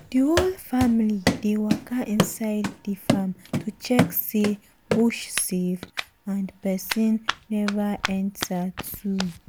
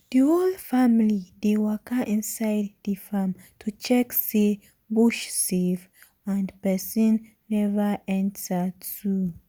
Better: second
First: background sound (Run); 5 dB below the speech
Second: none

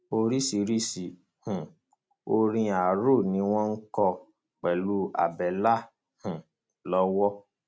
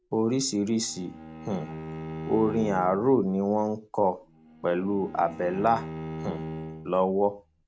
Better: first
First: none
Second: background sound (Bowed string instrument); 12 dB below the speech

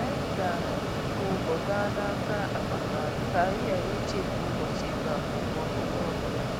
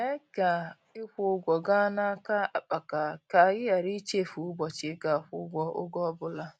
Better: second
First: background sound (Mechanisms); 4 dB above the speech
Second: none

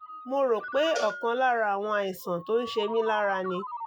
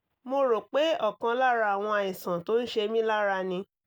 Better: second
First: noise reduction (classical method Wiener filter)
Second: none

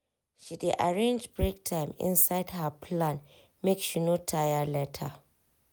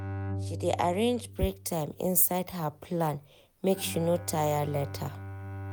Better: first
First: none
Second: background sound (Bowed string instrument); 10 dB below the speech

